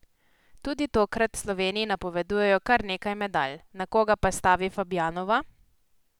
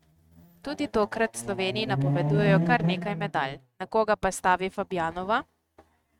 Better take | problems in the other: first | noise reduction (neural mask model RNNoise)

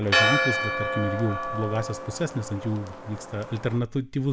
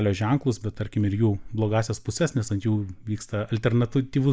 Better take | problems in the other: second | background sound (Church bell); as loud as the speech

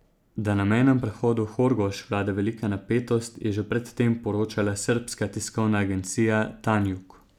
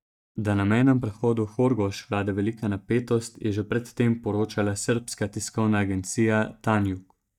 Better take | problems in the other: first | noise reduction (neural mask model DeepFilterNet 3)

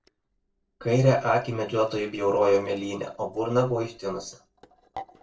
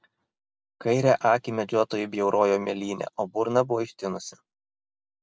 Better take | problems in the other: second | noise reduction (neural separator model SepFormer DNS4)

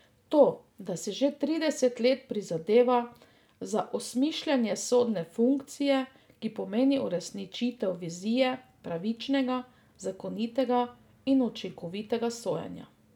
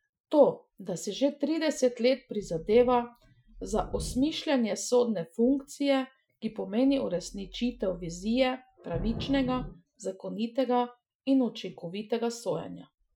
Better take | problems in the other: first | noise reduction (classical method Wiener filter)

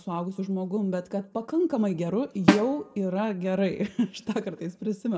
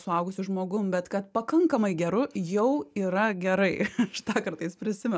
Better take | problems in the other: second | background sound (Snare drum); 1 dB above the speech // room echo; dies away in 1.4 s

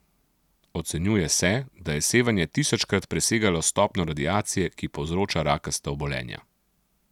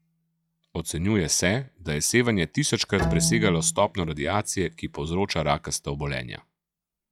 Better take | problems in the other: first | noise reduction (classical method log-MMSE)

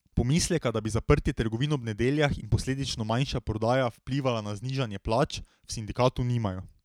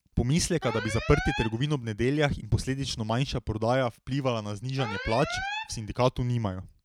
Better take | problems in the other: first | background sound (Alarm); 10 dB below the speech

